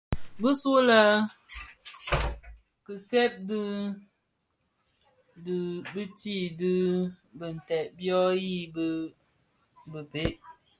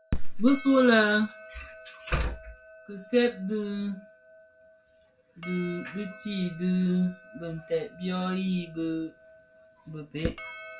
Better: first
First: none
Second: background sound (Percussion); 20 dB below the speech // room echo; dies away in 0.2 s

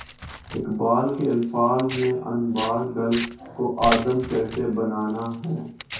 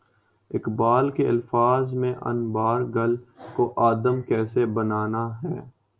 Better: second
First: background sound (Tearing); 12 dB below the speech // room echo; dies away in 0.6 s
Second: none

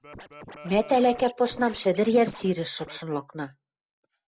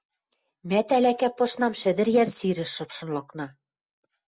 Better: second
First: background sound (Scratching (performance technique)); 19 dB below the speech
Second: none

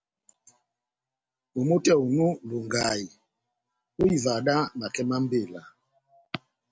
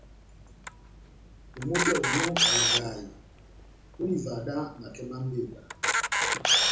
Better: first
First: none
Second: background sound (Camera); 4 dB above the speech // room echo; dies away in 0.6 s

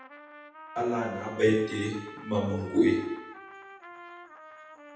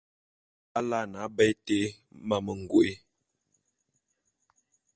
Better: second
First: background sound (Trumpet); 16 dB below the speech // room echo; dies away in 0.8 s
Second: none

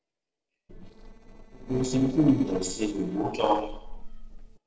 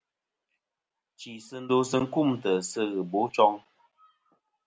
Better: second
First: noise reduction (neural separator model SepFormer DNS4)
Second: none

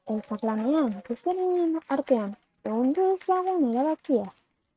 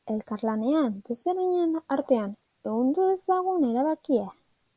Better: second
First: noise reduction (neural mask model RNNoise)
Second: none

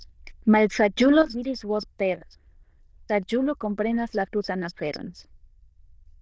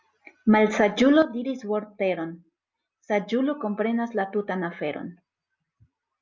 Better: second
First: noise reduction (neural diffusion model UNIVERSE++)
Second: none

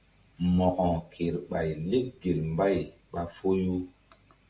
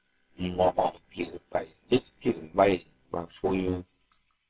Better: first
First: none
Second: noise reduction (neural separator model SepFormer WHAMR!)

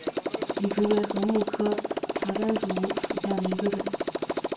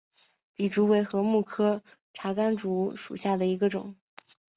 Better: second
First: background sound (Motorcycle); as loud as the speech // room echo; dies away in 0.3 s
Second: none

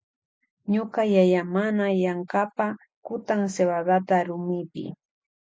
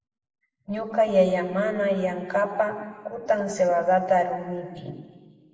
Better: first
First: none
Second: room echo; dies away in 1.8 s

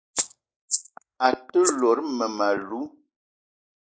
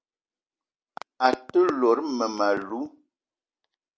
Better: second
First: noise reduction (neural mask model Resemble Enhance denoiser)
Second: none

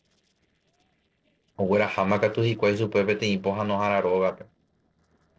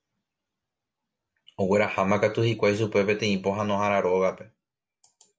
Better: second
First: noise reduction (neural separator model SepFormer DNS4)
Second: none

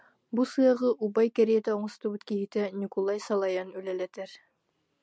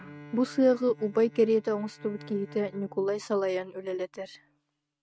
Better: first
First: none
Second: noise reduction (neural mask model RNNoise)

